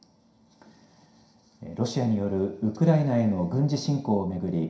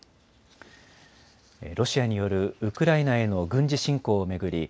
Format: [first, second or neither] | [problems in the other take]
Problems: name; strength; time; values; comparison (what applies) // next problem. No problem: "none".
second | room echo; dies away in 0.5 s